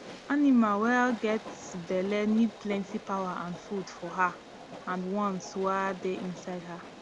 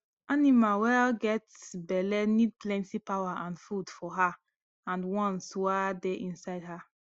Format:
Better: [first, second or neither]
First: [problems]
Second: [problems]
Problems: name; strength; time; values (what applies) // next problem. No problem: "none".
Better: second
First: background sound (Train); 15 dB below the speech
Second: none